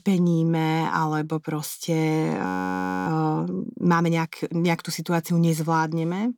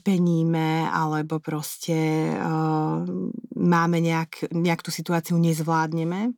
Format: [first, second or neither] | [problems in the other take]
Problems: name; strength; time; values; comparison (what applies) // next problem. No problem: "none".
second | audio freezing; at 2.5 s for 0.5 s